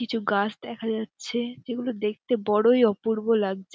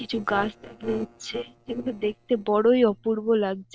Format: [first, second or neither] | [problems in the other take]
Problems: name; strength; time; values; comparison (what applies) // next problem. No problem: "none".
first | noise reduction (neural separator model SepFormer DNS4)